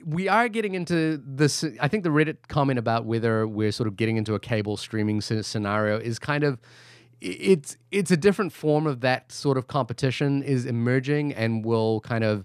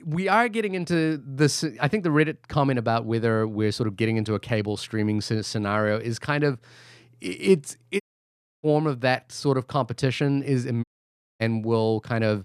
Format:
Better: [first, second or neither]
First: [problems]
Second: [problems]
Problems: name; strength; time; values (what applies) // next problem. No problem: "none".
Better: first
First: none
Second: audio cutting out; at 8 s for 0.5 s and at 11 s for 0.5 s